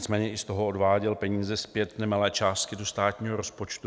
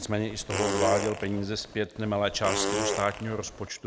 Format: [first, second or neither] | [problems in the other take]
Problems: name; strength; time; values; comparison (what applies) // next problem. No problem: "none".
first | background sound (Fart); 3 dB below the speech